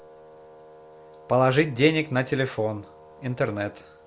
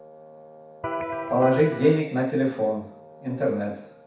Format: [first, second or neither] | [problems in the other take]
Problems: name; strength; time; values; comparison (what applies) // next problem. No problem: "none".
first | background sound (Electric guitar); 6 dB below the speech // room echo; dies away in 0.6 s